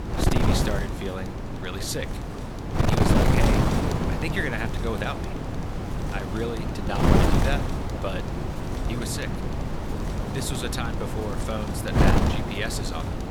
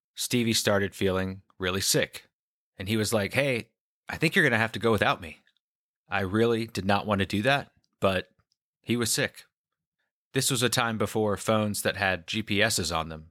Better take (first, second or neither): second